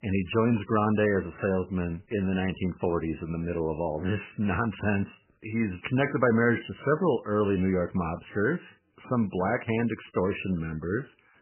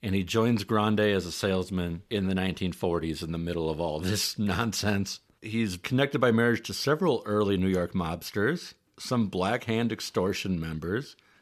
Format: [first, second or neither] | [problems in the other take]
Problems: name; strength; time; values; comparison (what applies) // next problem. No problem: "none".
second | garbled, watery; badly; nothing above 3 kHz